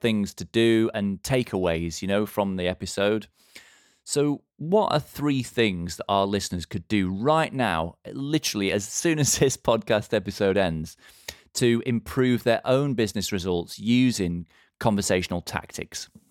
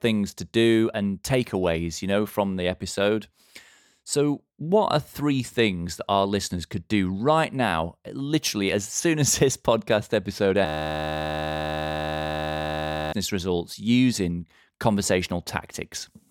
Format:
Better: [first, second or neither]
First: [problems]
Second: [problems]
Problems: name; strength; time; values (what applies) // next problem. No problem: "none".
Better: first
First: none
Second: audio freezing; at 11 s for 2.5 s